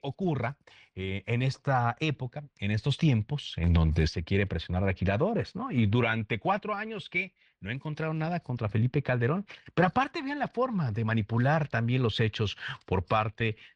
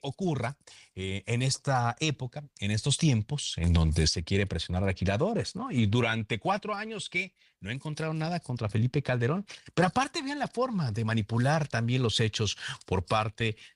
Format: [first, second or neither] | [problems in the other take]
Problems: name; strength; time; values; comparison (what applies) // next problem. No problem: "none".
second | muffled; slightly; fading above 2.5 kHz